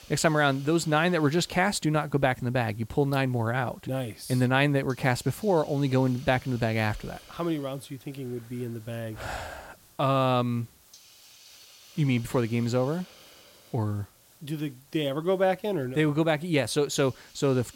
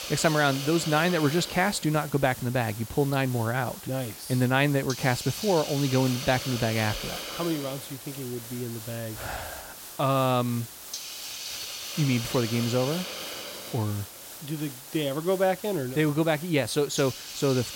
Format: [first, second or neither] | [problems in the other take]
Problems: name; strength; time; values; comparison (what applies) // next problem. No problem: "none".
first | hiss; loud; throughout; 9 dB below the speech; faint in the first